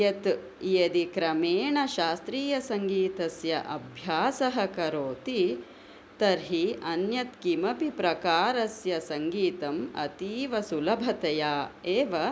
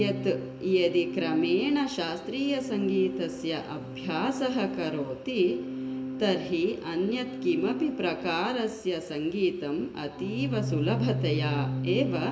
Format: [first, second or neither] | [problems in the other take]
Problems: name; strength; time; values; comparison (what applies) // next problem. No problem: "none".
first | background sound (Organ); 6 dB below the speech // room echo; dies away in 1.9 s